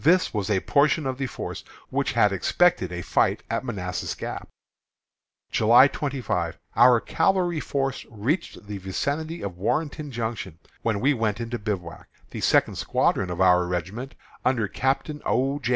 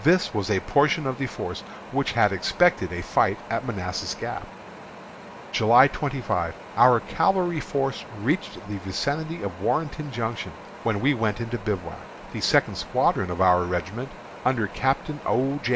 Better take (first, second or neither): first